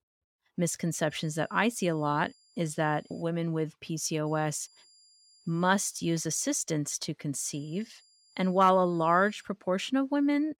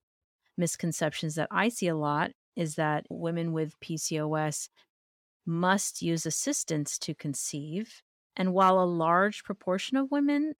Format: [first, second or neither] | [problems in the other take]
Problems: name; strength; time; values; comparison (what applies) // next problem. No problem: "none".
second | high-pitched whine; faint; from 1 to 3 s, from 4.5 to 6 s and from 7.5 to 9.5 s; 5 kHz, 30 dB below the speech